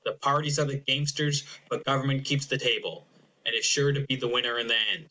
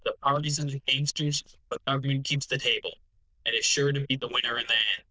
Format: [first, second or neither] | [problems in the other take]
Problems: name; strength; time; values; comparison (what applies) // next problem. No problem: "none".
first | noise reduction (neural diffusion model UNIVERSE++)